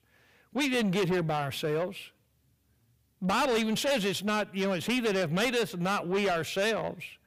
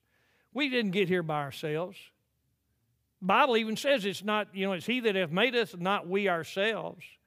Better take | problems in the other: second | distortion; heavy; 6 dB below the speech

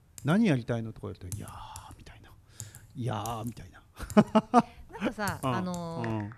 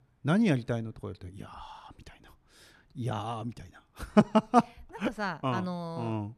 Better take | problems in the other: second | household noises; noticeable; throughout; 20 dB below the speech

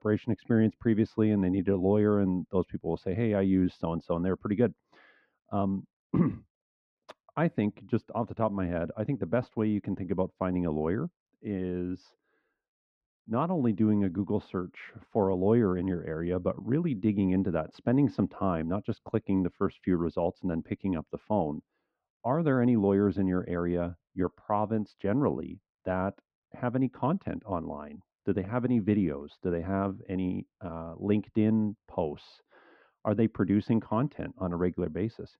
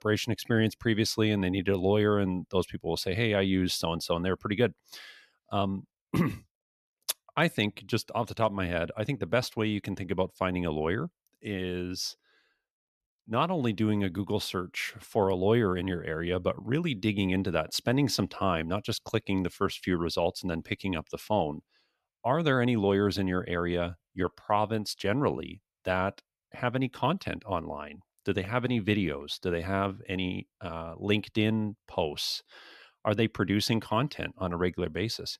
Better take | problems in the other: second | muffled; very; fading above 1 kHz

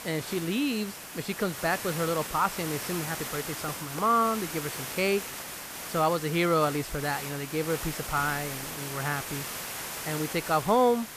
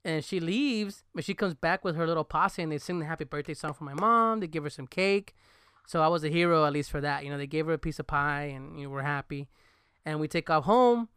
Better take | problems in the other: second | hiss; loud; throughout; 7 dB below the speech

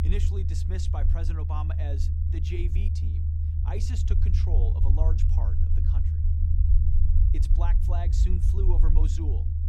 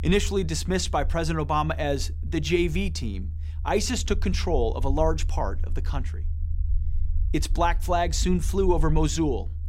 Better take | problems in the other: second | low rumble; loud; throughout; 1 dB below the speech; faint in the second

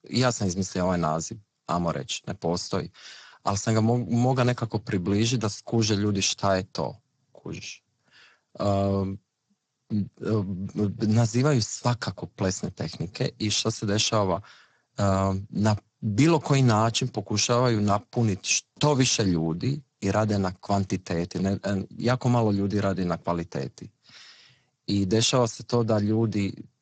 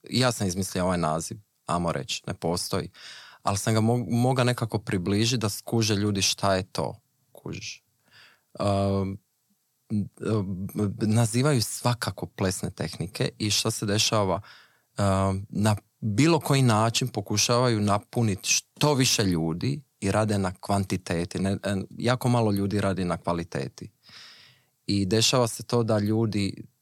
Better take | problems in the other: second | garbled, watery; badly; nothing above 7.5 kHz

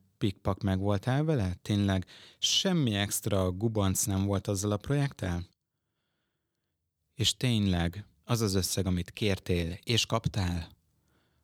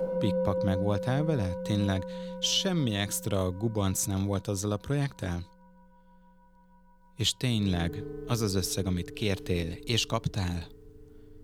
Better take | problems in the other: first | background music; loud; throughout; 7 dB below the speech

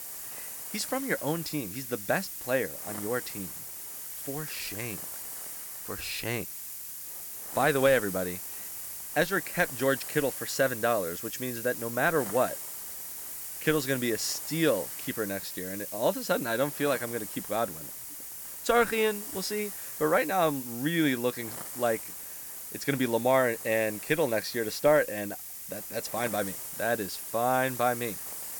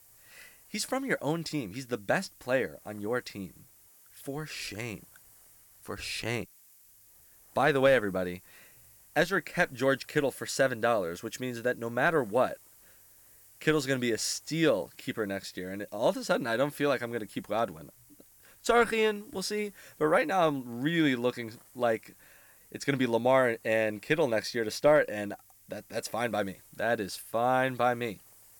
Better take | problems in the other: second | hiss; loud; throughout; 7 dB below the speech; faint in the second

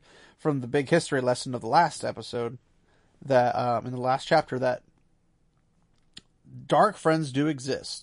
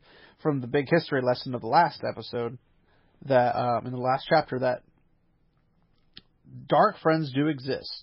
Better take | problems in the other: first | garbled, watery; badly; nothing above 5.5 kHz; slightly in the first

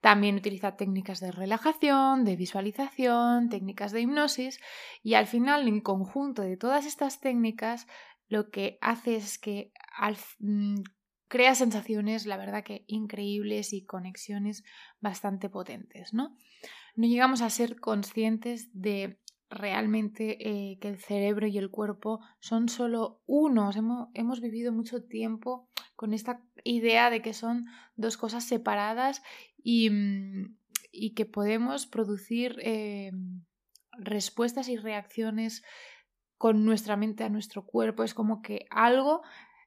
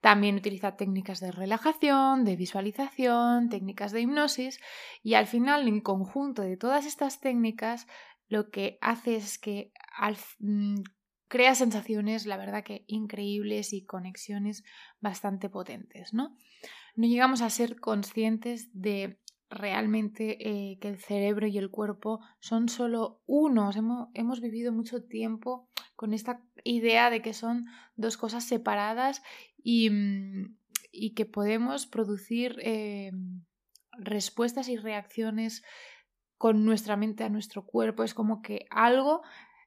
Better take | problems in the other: neither | none

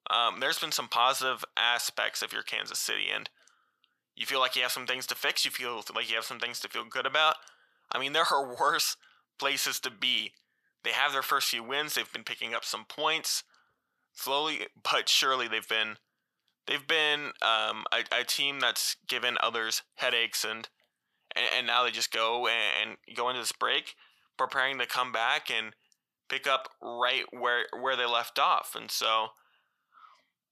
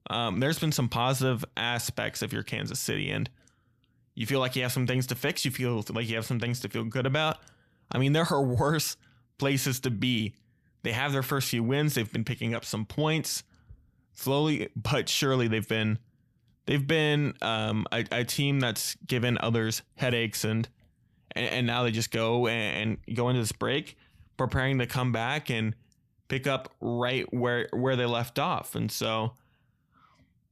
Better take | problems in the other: second | thin; very; fading below 700 Hz

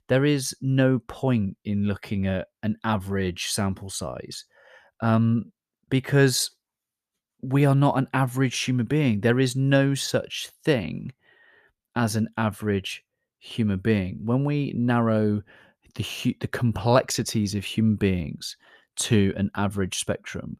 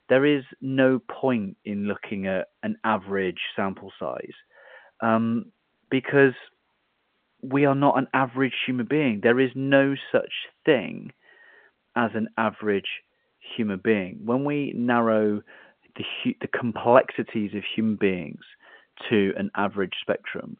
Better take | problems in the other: first | phone-call audio

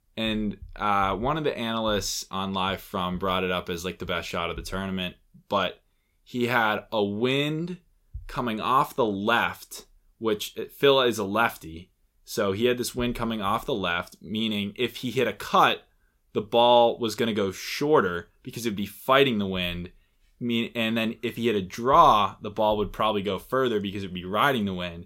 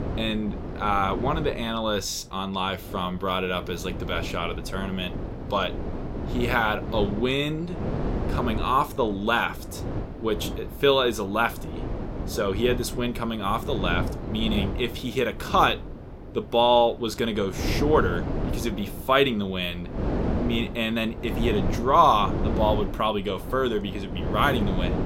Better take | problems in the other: first | wind noise on the microphone; occasional gusts; 10 dB below the speech

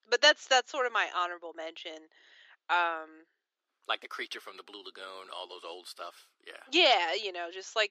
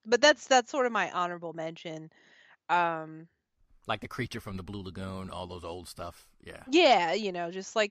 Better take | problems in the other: second | thin; very; fading below 350 Hz

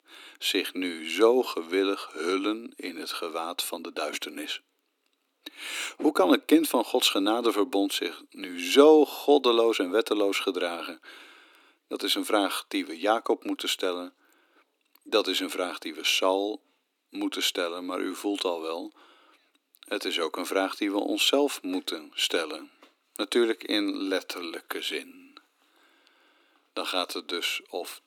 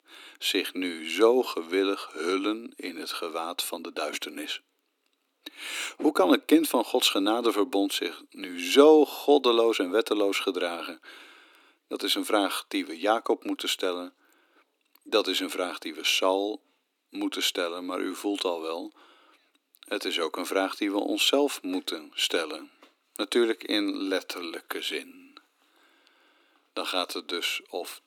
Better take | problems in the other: neither | thin; somewhat; fading below 300 Hz; the same in both

